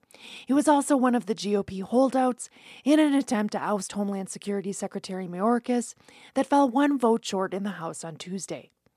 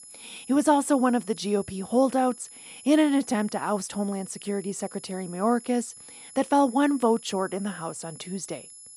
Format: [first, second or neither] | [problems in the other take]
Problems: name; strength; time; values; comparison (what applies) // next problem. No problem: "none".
first | high-pitched whine; noticeable; throughout; 11 kHz, 20 dB below the speech